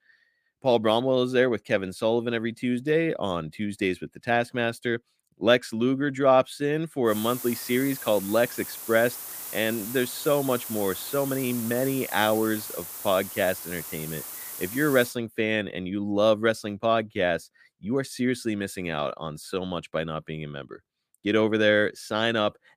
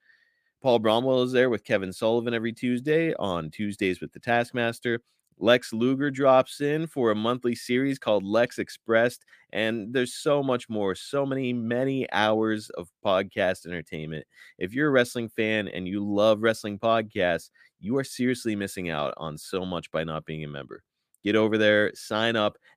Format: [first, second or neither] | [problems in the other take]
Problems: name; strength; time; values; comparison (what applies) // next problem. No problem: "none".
second | hiss; loud; from 7 to 15 s; 9 dB below the speech